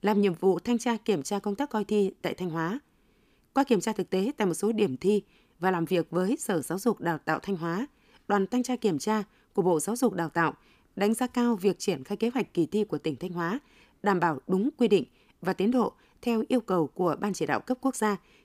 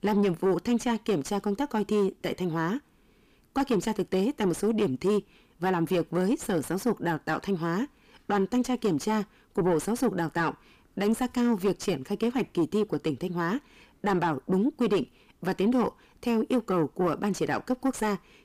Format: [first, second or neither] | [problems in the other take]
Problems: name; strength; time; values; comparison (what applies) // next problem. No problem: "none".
first | distortion; slight; 10 dB below the speech